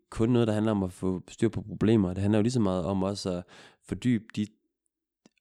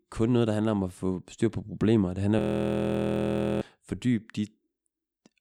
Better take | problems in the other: first | audio freezing; at 2.5 s for 1 s

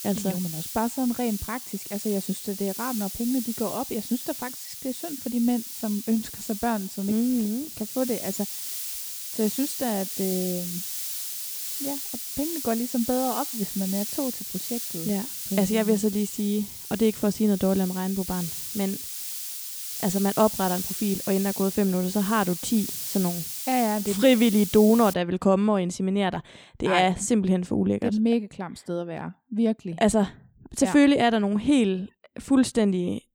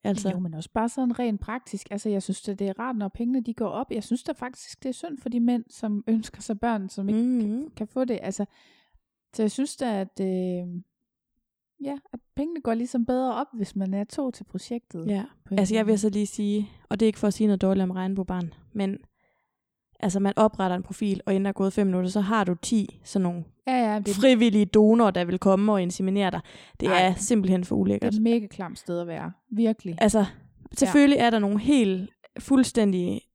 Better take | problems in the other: second | hiss; loud; until 25 s; 6 dB below the speech

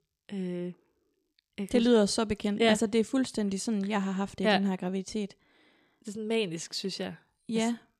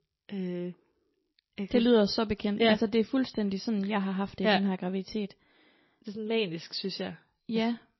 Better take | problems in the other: first | garbled, watery; slightly; nothing above 5.5 kHz

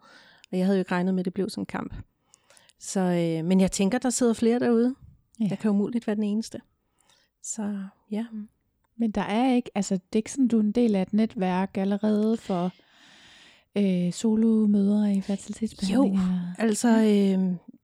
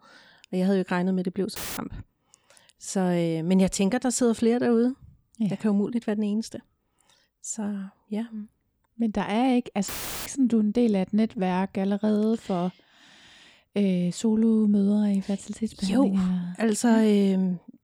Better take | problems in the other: first | audio cutting out; filled with static; at 1.5 s and at 10 s

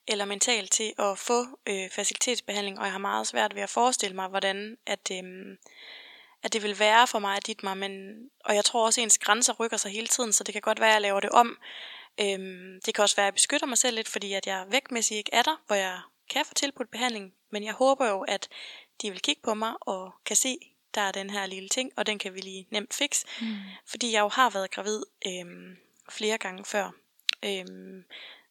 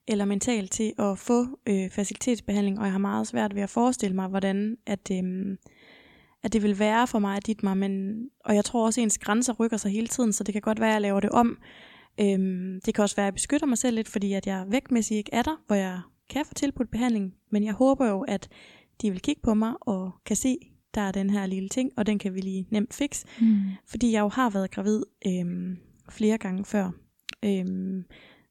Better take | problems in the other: second | thin; very; fading below 600 Hz

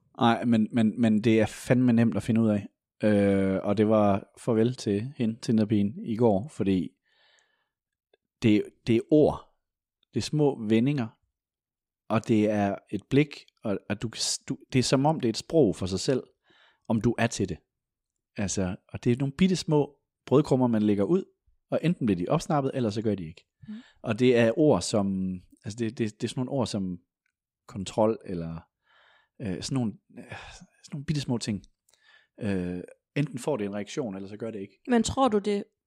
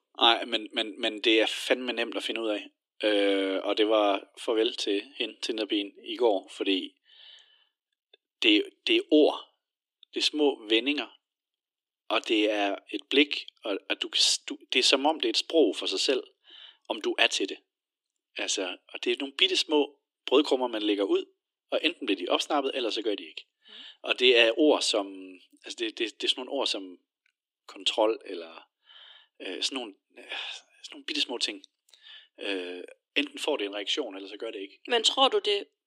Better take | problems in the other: first | thin; somewhat; fading below 300 Hz

